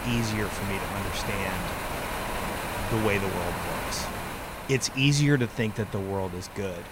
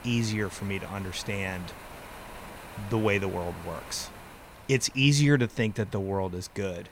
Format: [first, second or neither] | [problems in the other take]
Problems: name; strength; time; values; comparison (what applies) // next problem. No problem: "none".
second | wind noise on the microphone; heavy; 2 dB below the speech; occasional gusts in the second